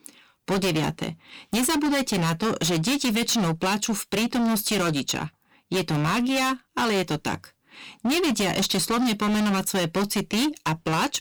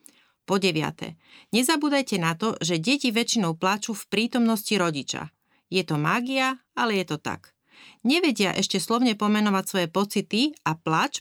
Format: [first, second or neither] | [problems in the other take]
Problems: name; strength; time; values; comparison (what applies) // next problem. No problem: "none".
second | distortion; heavy; 28% of the sound clipped